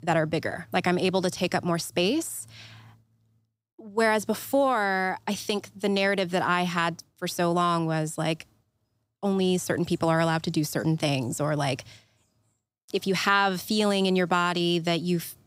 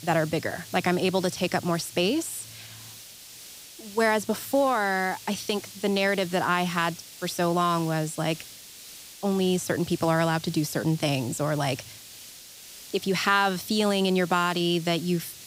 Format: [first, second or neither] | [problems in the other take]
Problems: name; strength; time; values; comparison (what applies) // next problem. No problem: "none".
first | hiss; noticeable; throughout; 15 dB below the speech